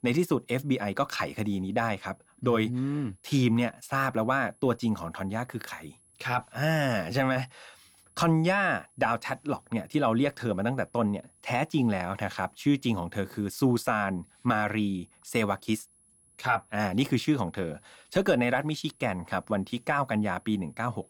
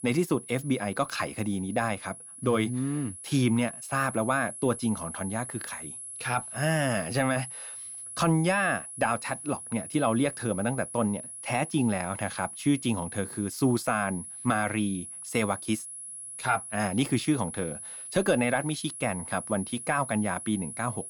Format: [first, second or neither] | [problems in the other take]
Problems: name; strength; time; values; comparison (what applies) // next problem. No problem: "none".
first | high-pitched whine; loud; throughout; 10.5 kHz, 9 dB below the speech; faint in the first